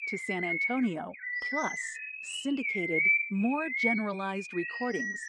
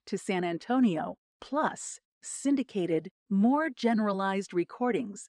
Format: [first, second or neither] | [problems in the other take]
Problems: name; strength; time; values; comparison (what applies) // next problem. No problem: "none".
second | animal sounds; very loud; throughout; 3 dB above the speech